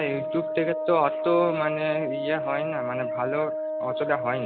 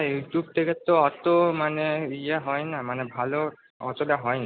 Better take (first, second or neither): second